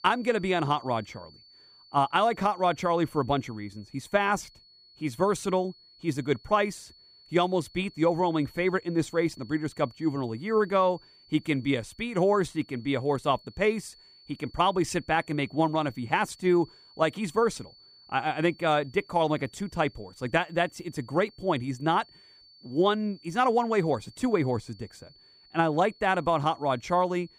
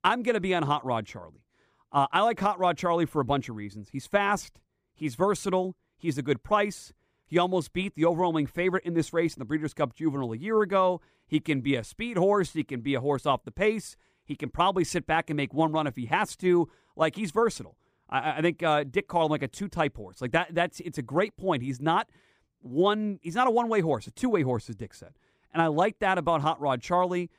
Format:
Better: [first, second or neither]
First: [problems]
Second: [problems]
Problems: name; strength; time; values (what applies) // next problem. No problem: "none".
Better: second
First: high-pitched whine; faint; throughout; 4.5 kHz, 25 dB below the speech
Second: none